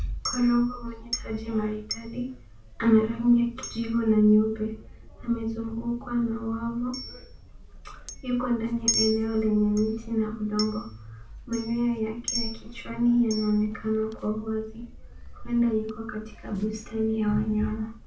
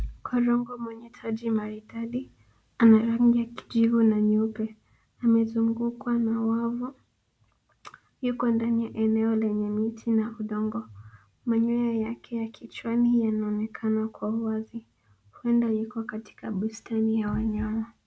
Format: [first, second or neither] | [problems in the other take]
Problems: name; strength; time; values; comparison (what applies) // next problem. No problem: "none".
second | background sound (Chink, clink); 11 dB below the speech // room echo; dies away in 0.3 s